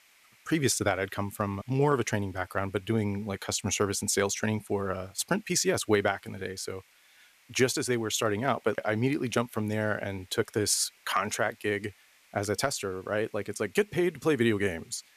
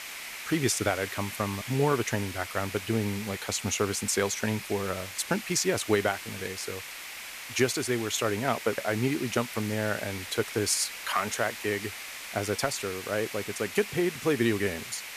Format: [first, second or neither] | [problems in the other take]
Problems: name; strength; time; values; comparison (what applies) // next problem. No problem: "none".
first | hiss; loud; throughout; 9 dB below the speech; faint in the first